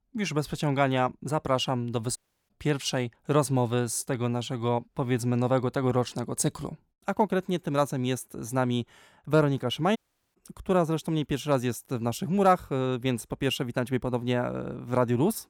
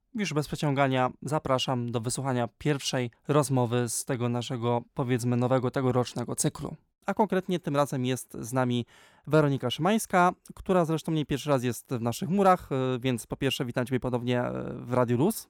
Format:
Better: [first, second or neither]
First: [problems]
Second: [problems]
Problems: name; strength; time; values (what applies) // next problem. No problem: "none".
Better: second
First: audio cutting out; at 2 s and at 10 s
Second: none